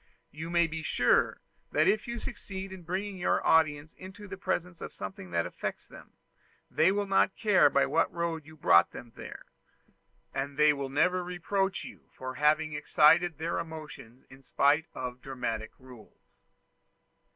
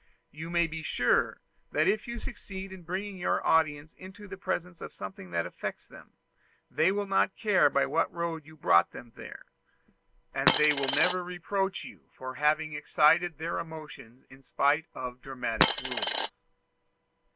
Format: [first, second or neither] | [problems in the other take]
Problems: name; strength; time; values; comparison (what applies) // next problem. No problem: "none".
first | background sound (Coin (dropping)); 2 dB above the speech